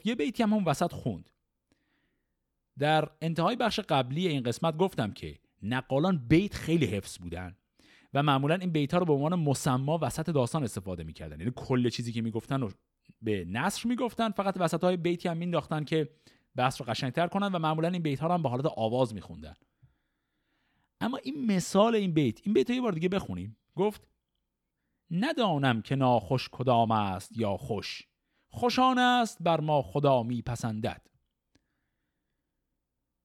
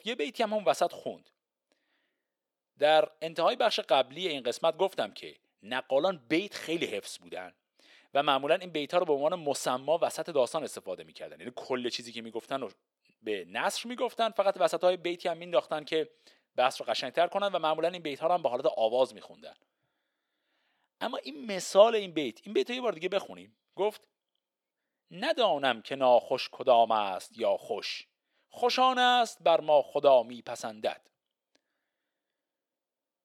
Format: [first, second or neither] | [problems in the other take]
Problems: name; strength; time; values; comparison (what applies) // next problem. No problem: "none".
first | thin; very; fading below 450 Hz